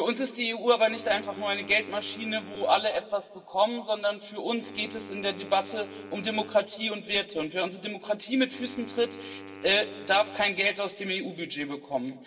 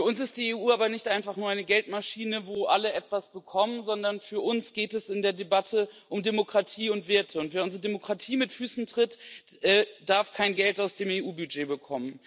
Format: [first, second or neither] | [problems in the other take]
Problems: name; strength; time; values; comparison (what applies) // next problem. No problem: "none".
second | background sound (Wind instrument, woodwind instrument); 17 dB below the speech // room echo; dies away in 1.6 s